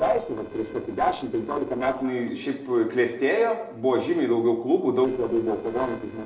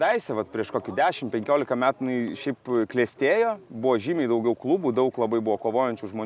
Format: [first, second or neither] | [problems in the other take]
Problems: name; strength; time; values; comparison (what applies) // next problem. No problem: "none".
second | noise reduction (neural separator model SepFormer DNS4)